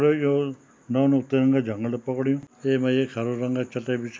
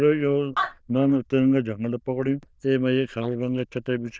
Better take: first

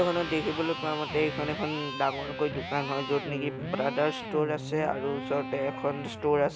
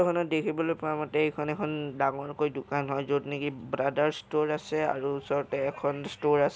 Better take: second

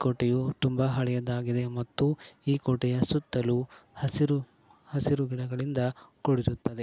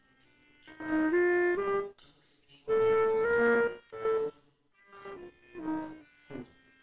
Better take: first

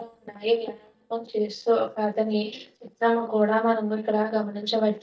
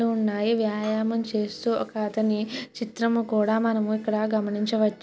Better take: second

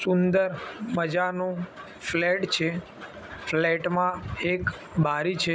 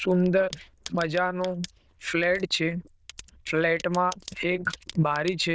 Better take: first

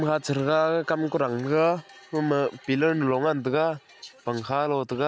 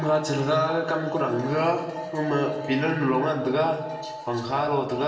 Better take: first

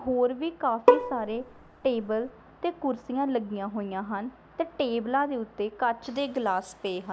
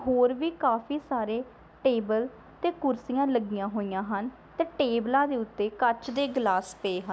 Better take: second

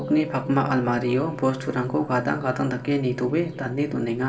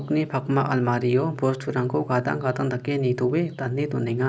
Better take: second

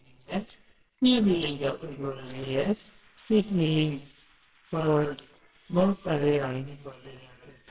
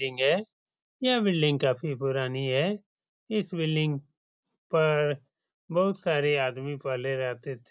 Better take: second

